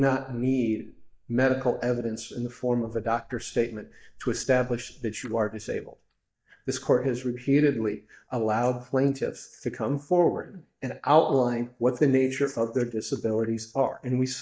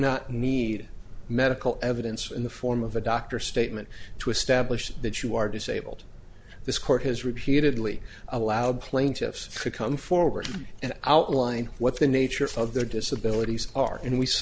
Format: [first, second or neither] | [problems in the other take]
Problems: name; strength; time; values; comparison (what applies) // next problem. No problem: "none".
second | noise reduction (neural mask model DeepFilterNet 3)